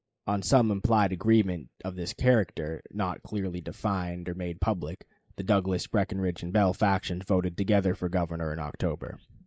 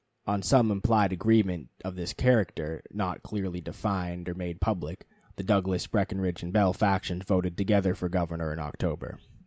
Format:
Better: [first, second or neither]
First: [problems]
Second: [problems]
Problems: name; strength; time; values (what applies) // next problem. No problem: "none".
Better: second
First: noise reduction (neural mask model Resemble Enhance denoiser)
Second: none